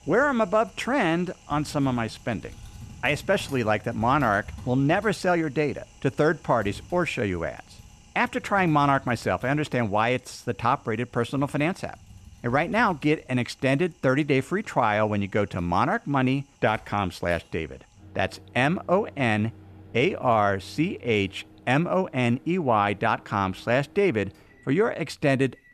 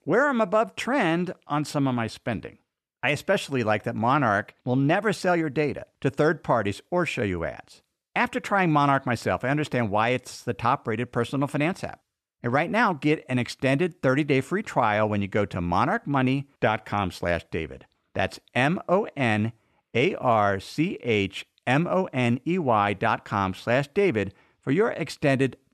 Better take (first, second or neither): second